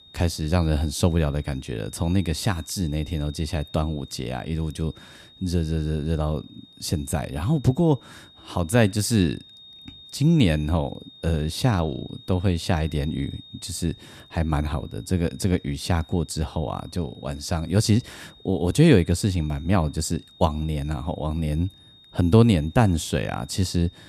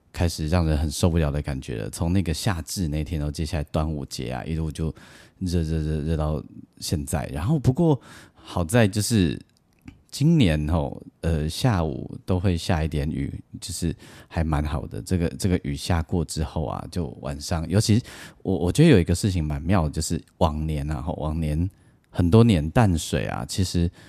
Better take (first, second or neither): second